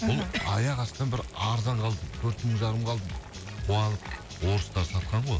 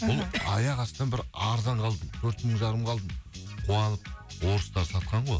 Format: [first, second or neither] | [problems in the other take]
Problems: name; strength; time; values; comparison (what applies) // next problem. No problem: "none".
second | background sound (Boiling + Chink, clink); 18 dB below the speech